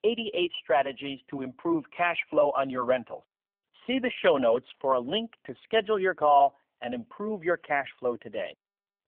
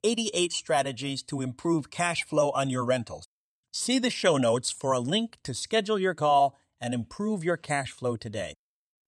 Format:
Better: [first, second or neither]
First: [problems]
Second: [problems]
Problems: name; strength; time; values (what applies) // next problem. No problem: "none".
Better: second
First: phone-call audio; nothing above 3.5 kHz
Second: none